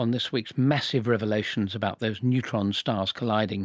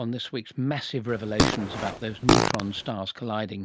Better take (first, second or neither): first